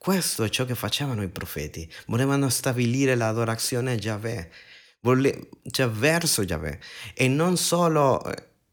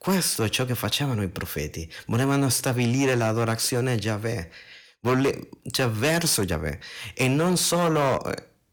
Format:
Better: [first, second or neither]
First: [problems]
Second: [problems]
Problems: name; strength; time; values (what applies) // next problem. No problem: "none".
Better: first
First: none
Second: distortion; slight; 9% of the sound clipped